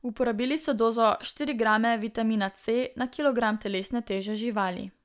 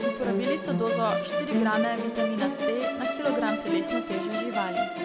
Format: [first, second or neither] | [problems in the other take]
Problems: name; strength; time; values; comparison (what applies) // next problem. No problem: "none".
first | background sound (Musical instrument); 3 dB above the speech